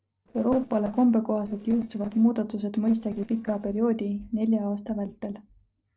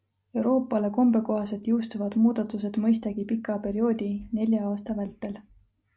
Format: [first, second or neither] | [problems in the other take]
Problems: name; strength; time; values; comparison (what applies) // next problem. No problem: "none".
second | noise reduction (neural separator model SepFormer DNS4)